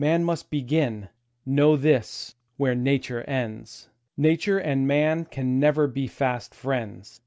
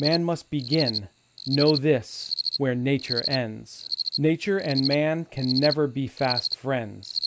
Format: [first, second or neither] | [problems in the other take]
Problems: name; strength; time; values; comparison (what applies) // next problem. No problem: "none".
first | background sound (Cricket); 7 dB below the speech